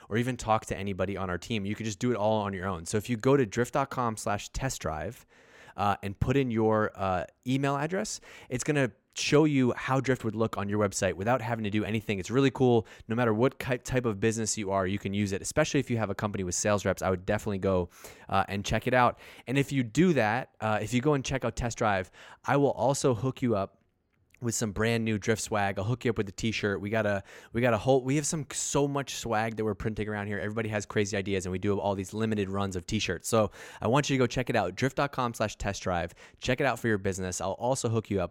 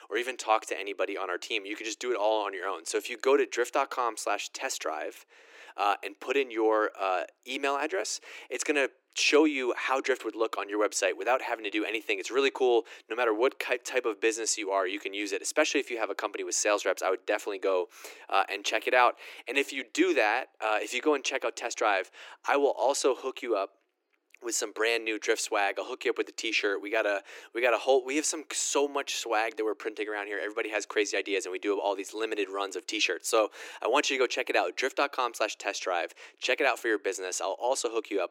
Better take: first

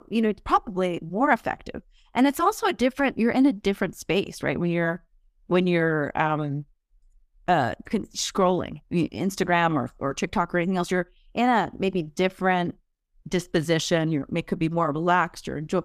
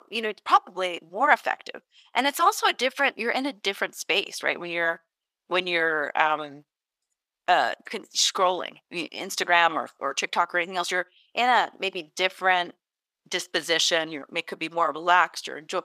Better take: first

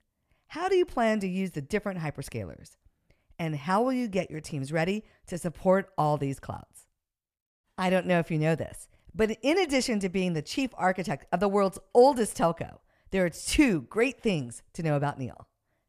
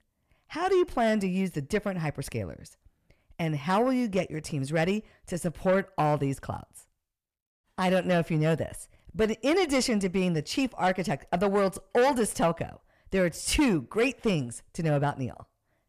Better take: first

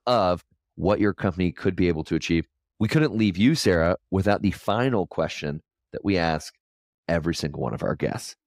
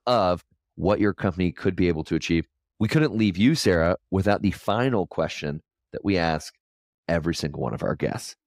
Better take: neither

